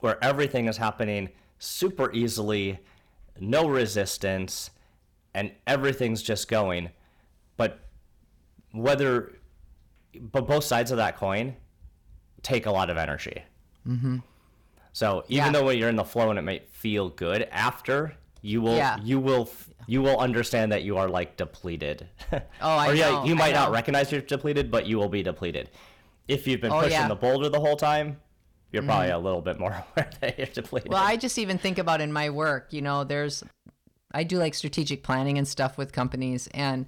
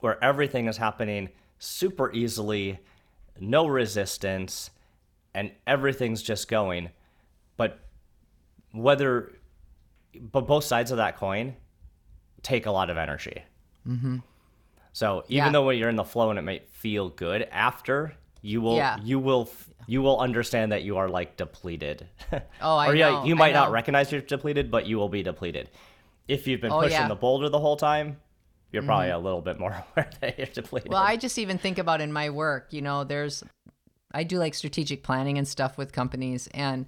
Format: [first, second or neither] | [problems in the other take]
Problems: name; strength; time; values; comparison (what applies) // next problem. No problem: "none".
second | distortion; slight; 4% of the sound clipped